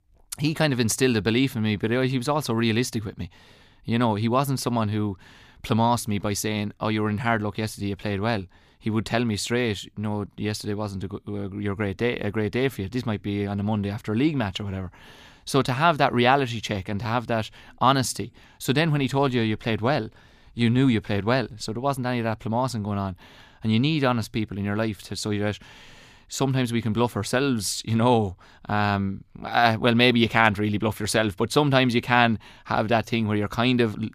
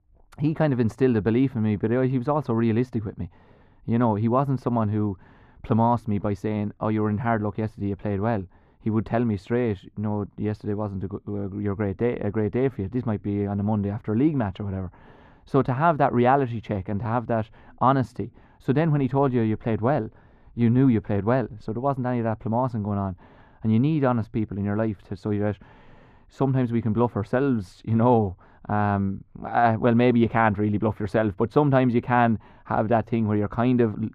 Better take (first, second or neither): first